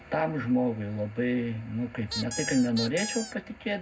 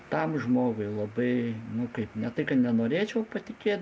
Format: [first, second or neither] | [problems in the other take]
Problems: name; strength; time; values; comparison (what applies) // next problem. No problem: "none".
second | background sound (Squeak); 8 dB below the speech // room echo; dies away in 0.3 s